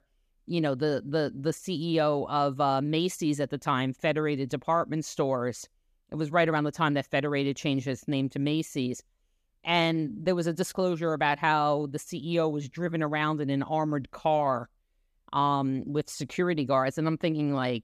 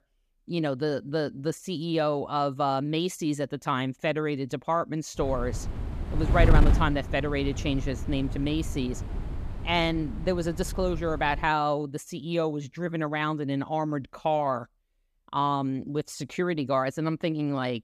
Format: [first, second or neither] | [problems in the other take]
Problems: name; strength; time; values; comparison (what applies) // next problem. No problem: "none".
first | wind noise on the microphone; occasional gusts; from 5 to 11 s; 10 dB below the speech